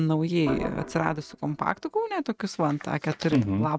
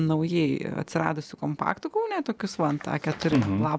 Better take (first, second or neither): second